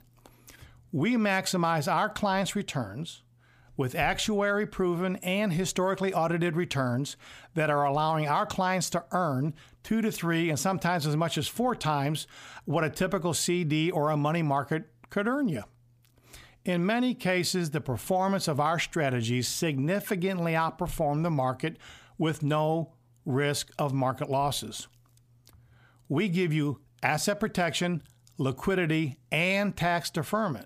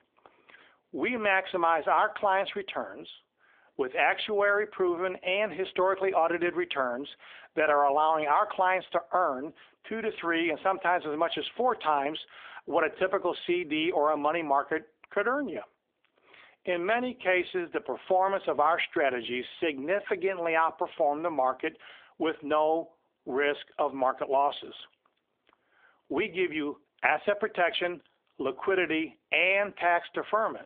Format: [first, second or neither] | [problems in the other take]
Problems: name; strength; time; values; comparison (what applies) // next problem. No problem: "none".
first | phone-call audio